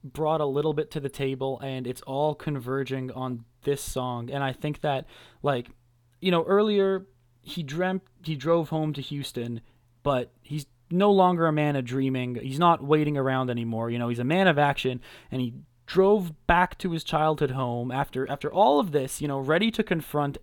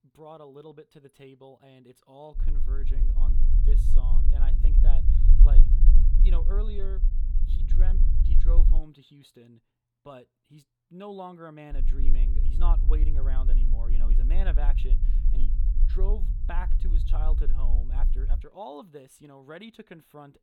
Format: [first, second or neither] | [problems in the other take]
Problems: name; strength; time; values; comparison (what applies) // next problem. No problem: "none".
first | low rumble; loud; from 2.5 to 9 s and from 12 to 18 s; 5 dB below the speech